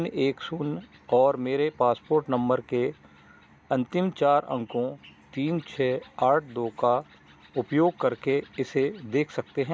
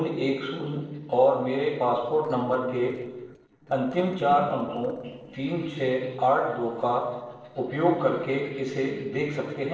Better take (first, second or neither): first